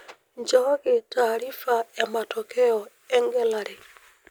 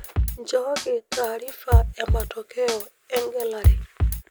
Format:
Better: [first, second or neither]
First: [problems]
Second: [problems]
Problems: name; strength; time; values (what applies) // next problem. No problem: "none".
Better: first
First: none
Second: background sound (Drum kit); 5 dB above the speech